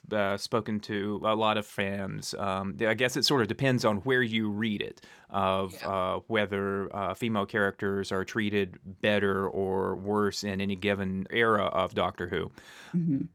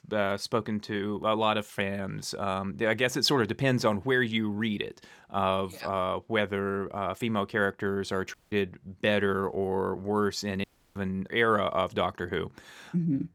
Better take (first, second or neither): first